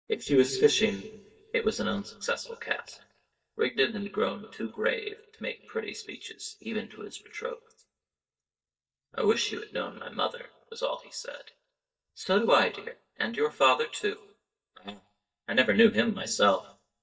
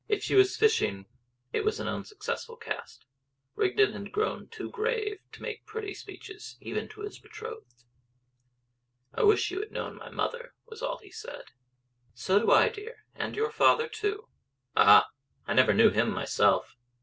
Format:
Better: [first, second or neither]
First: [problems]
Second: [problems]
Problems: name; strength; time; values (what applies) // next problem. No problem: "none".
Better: second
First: noise reduction (neural mask model DeepFilterNet 3)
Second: none